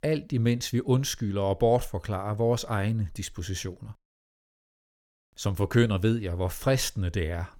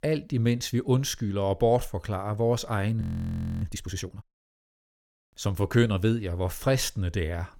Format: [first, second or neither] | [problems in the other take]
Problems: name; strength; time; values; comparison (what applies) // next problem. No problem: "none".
first | audio freezing; at 3 s for 0.5 s